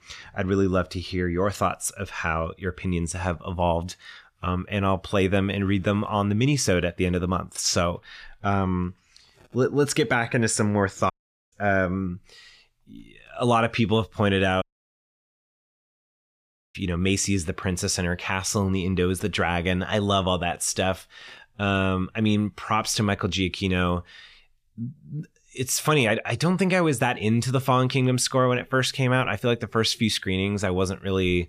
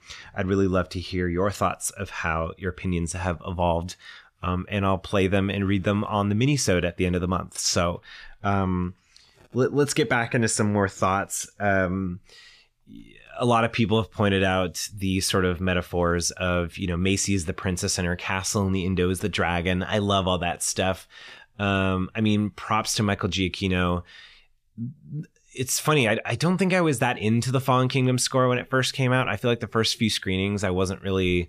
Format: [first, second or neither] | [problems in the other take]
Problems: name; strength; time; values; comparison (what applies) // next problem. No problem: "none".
second | audio cutting out; at 11 s and at 15 s for 2 s